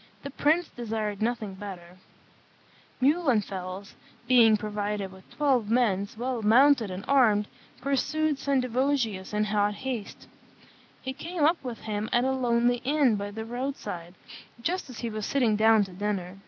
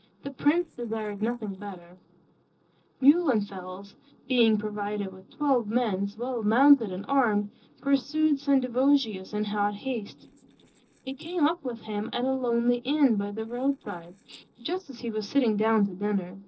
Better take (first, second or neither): first